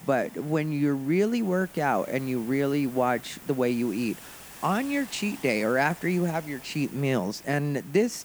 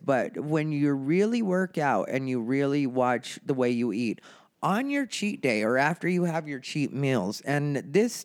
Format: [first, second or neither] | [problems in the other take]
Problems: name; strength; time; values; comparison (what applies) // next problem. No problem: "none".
second | hiss; noticeable; throughout; 20 dB below the speech